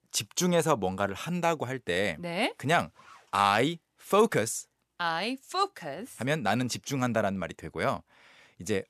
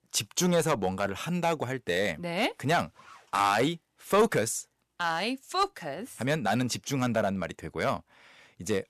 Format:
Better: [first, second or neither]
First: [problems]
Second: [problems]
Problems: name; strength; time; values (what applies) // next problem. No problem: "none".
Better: first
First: none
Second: distortion; slight; 1.9% of the sound clipped